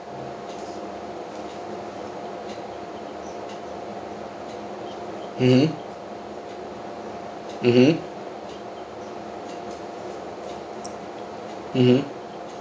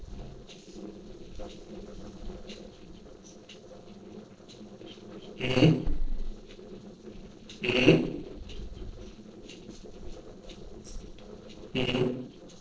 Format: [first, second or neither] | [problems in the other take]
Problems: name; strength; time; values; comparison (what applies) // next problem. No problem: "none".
first | noise reduction (neural separator model SepFormer DNS4)